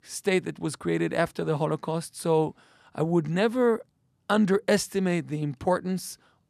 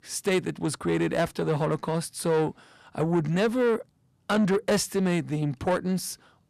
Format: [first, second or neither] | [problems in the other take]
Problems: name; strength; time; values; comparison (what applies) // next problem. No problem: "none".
first | distortion; slight; 10 dB below the speech